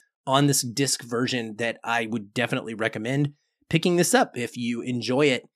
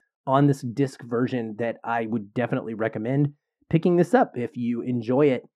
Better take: first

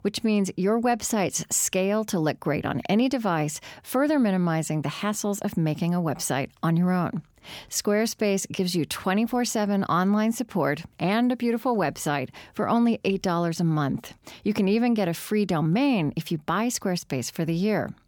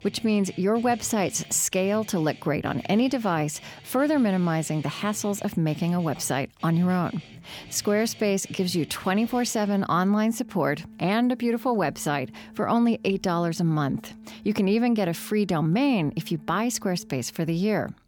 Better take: first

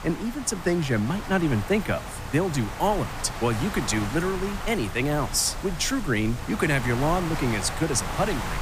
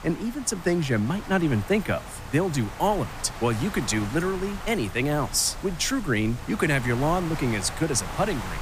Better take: second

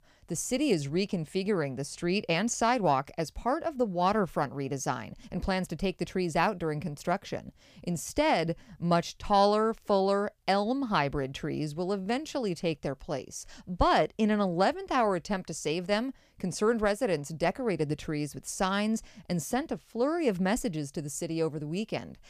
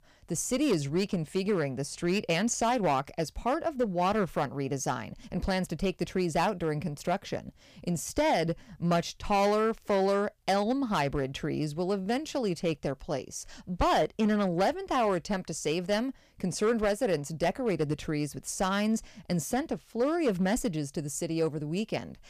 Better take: first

